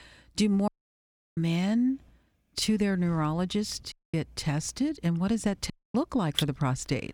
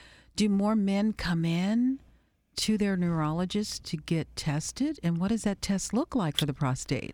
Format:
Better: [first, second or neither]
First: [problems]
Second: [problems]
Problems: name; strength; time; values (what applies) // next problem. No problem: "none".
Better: second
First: audio cutting out; at 0.5 s for 0.5 s, at 4 s and at 5.5 s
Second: none